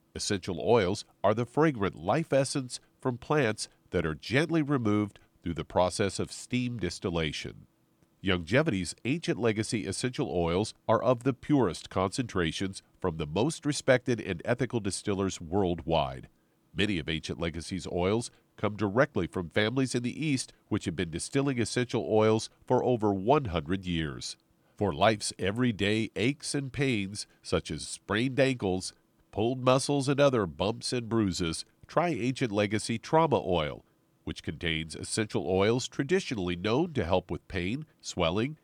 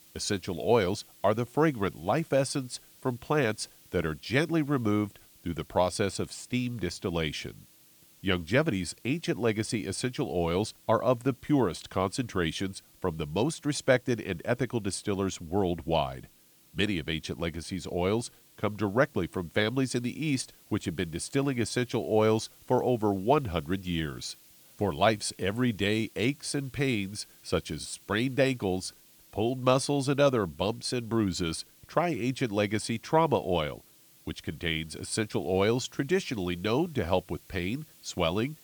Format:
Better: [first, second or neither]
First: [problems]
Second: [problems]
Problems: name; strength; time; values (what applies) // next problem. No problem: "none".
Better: first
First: none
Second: hiss; faint; throughout; 25 dB below the speech